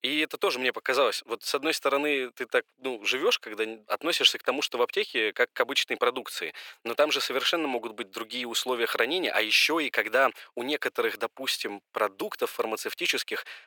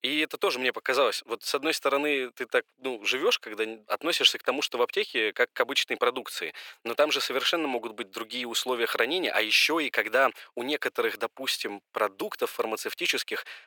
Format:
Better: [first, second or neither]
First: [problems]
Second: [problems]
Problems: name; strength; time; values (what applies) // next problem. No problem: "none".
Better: neither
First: thin; very; fading below 550 Hz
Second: thin; very; fading below 550 Hz